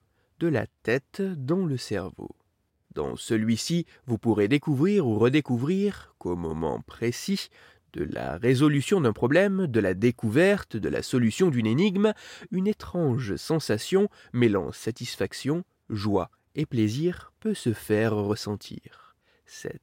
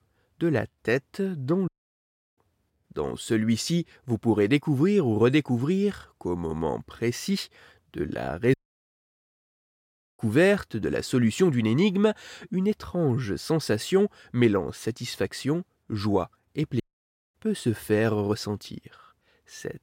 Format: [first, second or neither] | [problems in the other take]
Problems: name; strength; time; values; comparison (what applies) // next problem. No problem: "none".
first | audio cutting out; at 1.5 s for 0.5 s, at 8.5 s for 1.5 s and at 17 s for 0.5 s